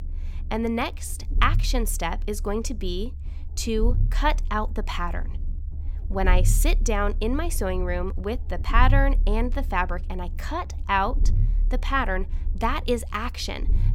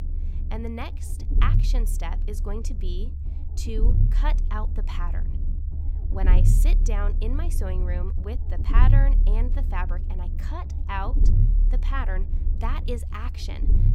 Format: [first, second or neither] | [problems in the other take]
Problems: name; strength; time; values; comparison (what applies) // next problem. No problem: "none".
first | low rumble; loud; throughout; 8 dB below the speech; faint in the first